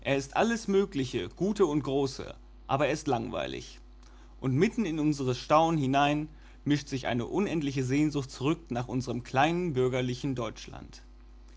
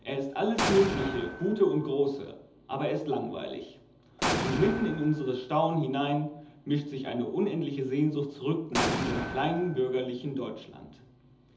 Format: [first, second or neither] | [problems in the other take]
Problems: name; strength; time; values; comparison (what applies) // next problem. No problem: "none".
first | background sound (Explosion); 3 dB below the speech // room echo; dies away in 1.2 s